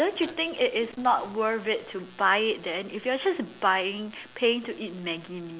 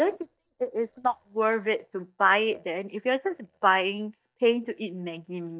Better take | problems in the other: first | noise reduction (neural mask model DeepFilterNet 3)

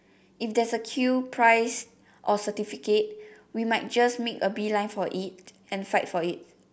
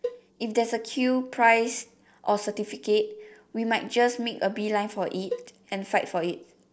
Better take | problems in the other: first | noise reduction (neural separator model SepFormer DNS4)

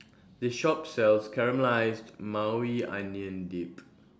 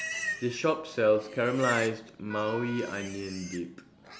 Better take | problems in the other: first | background sound (Livestock, farm animals, working animals + Wind instrument, woodwind instrument); 10 dB below the speech

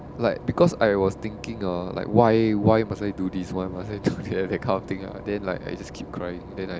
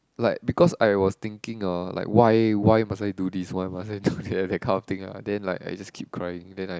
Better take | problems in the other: second | background sound (Engine / Boat, Water vehicle); 15 dB below the speech

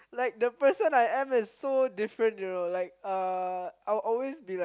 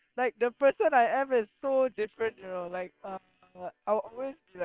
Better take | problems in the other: first | noise reduction (neural separator model SepFormer WHAM!)

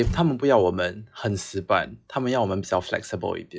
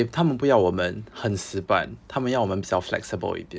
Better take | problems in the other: second | noise reduction (classical method log-MMSE)

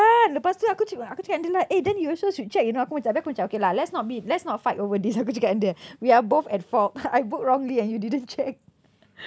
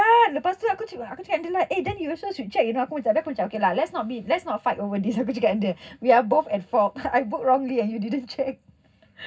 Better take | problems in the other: first | room echo; dies away in 0.4 s

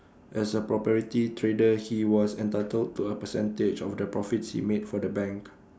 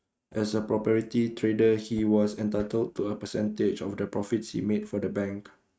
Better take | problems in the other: first | noise reduction (neural mask model RNNoise)

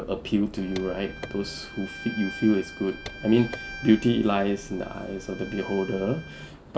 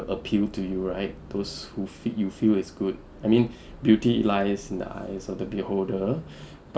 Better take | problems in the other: second | background sound (Car + Bowed string instrument); 15 dB below the speech

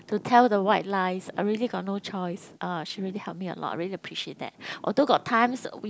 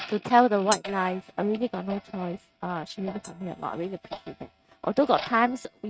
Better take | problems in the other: first | noise reduction (neural mask model RNNoise)

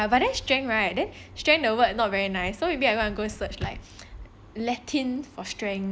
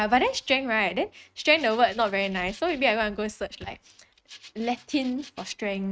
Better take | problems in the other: first | noise reduction (neural mask model RNNoise)

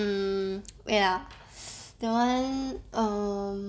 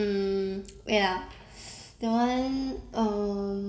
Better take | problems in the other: first | room echo; dies away in 1.6 s

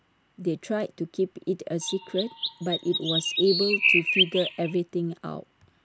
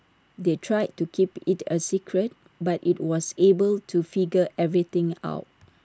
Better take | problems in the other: second | background sound (Chirp, tweet); 1 dB above the speech

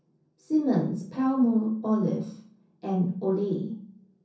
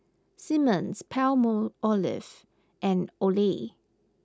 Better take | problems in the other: second | room echo; dies away in 0.6 s

